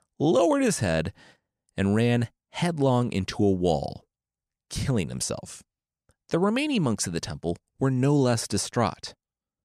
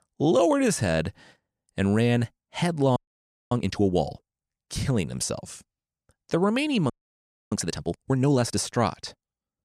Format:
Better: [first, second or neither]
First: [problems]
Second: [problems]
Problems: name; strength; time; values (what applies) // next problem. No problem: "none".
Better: first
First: none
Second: audio freezing; at 3 s for 0.5 s and at 7 s for 0.5 s